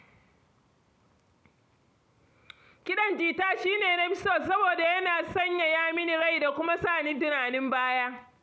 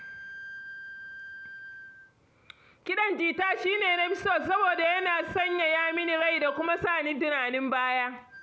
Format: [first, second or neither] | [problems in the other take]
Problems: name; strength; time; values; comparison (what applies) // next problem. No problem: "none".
first | background sound (Wind instrument, woodwind instrument); 16 dB below the speech